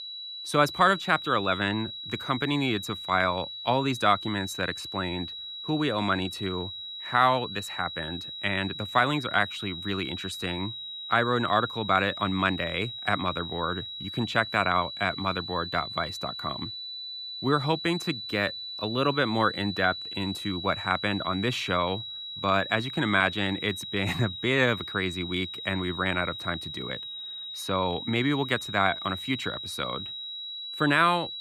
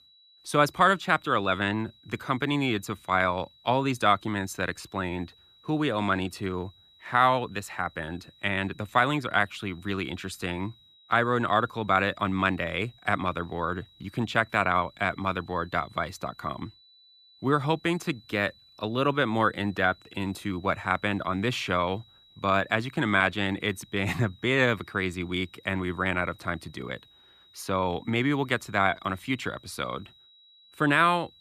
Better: second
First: high-pitched whine; loud; throughout; 4 kHz, 8 dB below the speech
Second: high-pitched whine; faint; throughout; 4 kHz, 30 dB below the speech

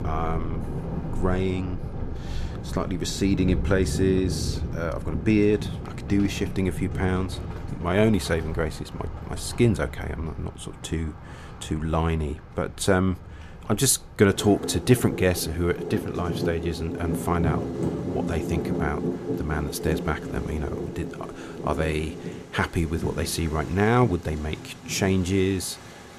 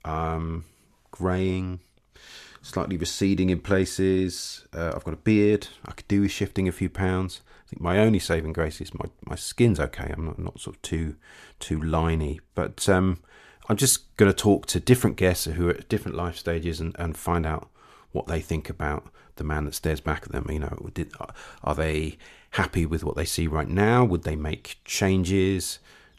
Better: second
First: rain or running water; loud; throughout; 7 dB below the speech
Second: none

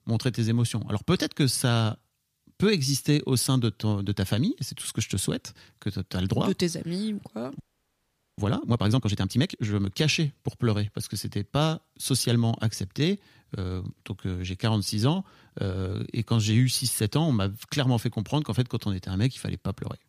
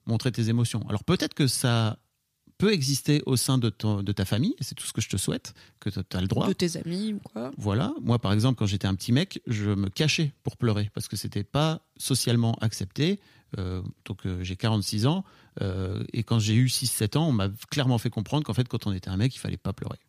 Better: second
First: audio freezing; at 7.5 s for 1 s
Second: none

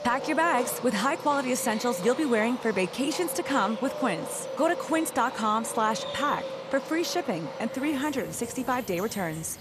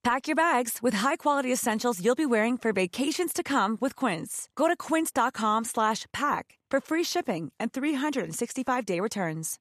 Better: second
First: animal sounds; loud; throughout; 9 dB below the speech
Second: none

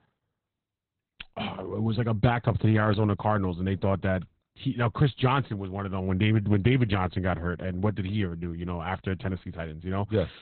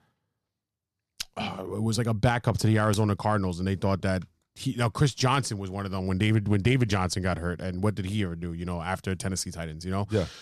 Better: second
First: garbled, watery; badly; nothing above 4 kHz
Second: none

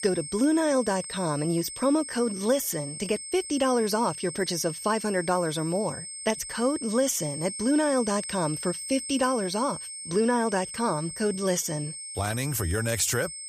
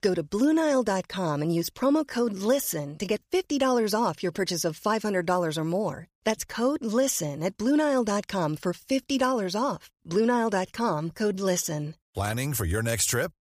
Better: second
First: high-pitched whine; loud; throughout; 8.5 kHz, 8 dB below the speech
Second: none

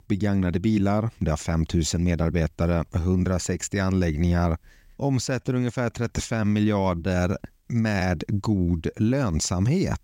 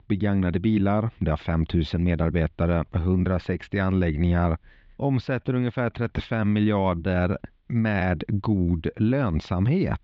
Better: first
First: none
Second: muffled; very; fading above 3.5 kHz

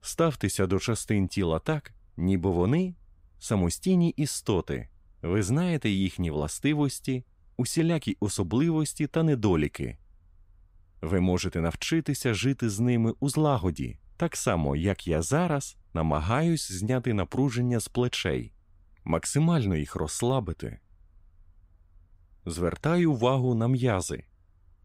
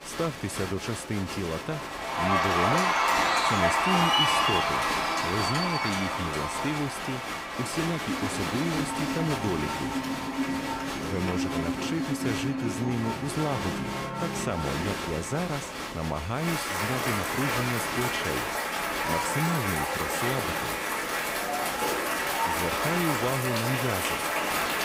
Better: first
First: none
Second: crowd noise; very loud; throughout; 4 dB above the speech

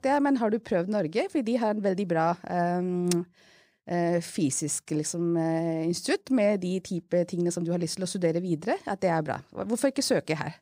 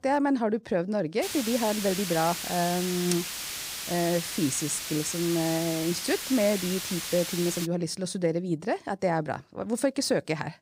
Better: first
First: none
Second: hiss; loud; from 1 to 7.5 s; 4 dB below the speech

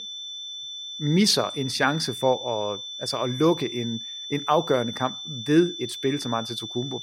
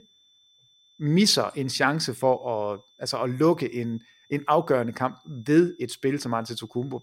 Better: second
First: high-pitched whine; loud; throughout; 3.5 kHz, 8 dB below the speech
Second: high-pitched whine; faint; throughout; 3.5 kHz, 35 dB below the speech

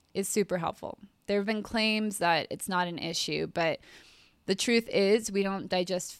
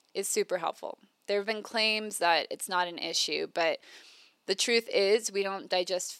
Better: first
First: none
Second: thin; somewhat; fading below 450 Hz

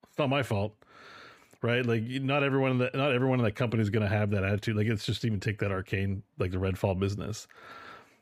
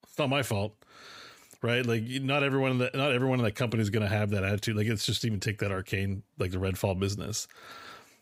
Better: second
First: muffled; slightly; fading above 3.5 kHz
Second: none

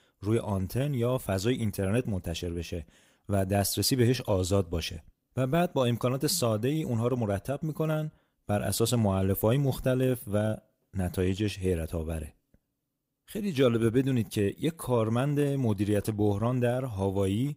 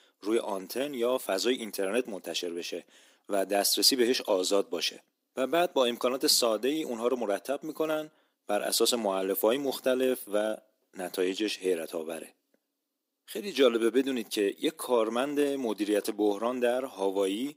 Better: first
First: none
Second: thin; somewhat; fading below 250 Hz

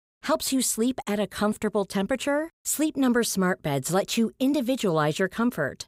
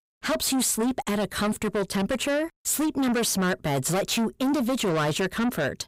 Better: first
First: none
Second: distortion; heavy; 7 dB below the speech

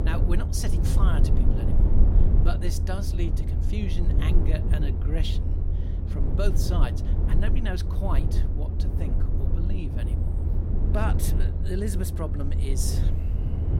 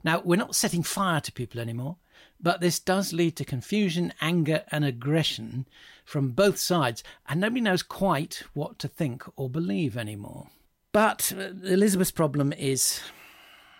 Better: second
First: low rumble; loud; throughout; 3 dB below the speech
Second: none

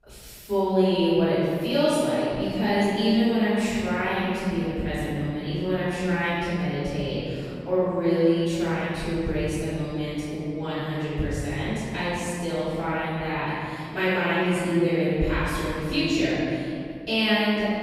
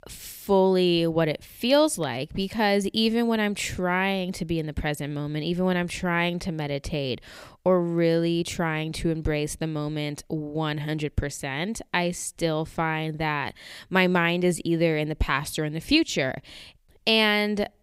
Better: second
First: off-mic speech; far // room echo; strong; dies away in 2.5 s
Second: none

